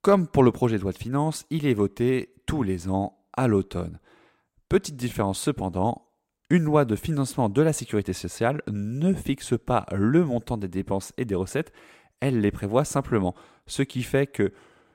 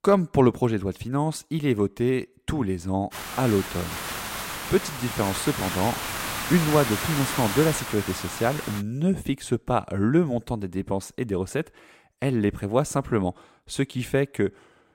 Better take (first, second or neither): first